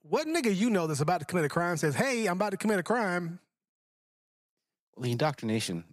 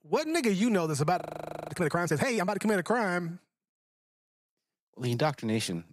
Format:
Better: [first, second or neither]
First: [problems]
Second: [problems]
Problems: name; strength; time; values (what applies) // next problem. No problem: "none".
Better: first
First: none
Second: audio freezing; at 1 s for 0.5 s